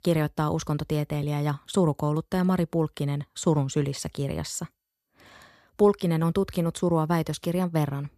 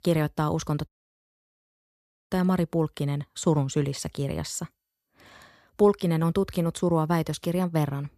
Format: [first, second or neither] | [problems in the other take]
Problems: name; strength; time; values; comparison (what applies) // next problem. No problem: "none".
first | audio cutting out; at 1 s for 1.5 s